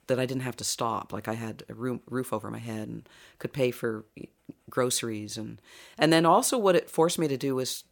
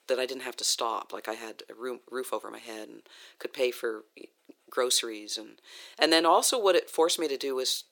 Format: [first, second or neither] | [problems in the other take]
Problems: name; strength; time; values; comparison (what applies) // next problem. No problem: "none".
first | thin; somewhat; fading below 350 Hz